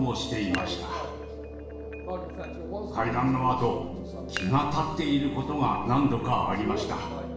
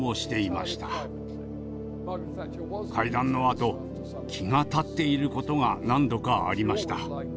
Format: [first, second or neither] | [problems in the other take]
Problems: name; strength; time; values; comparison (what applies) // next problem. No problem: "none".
second | background sound (Dishes, pots, and pans); 17 dB below the speech // room echo; dies away in 0.9 s